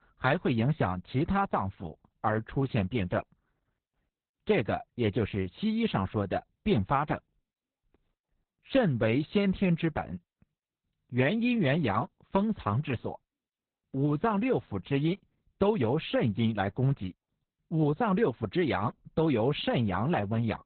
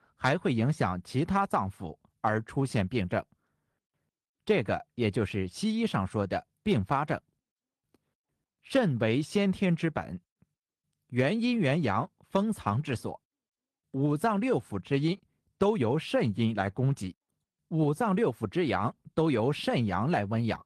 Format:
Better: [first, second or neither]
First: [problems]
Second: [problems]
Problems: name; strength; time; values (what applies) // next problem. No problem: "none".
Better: second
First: garbled, watery; badly; nothing above 4 kHz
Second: garbled, watery; slightly; nothing above 13.5 kHz